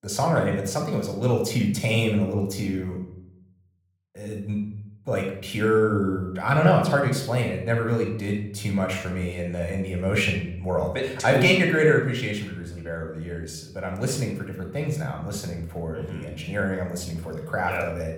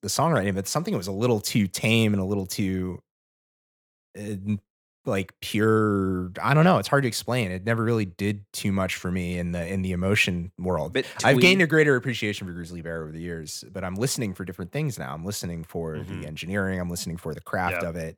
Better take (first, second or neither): second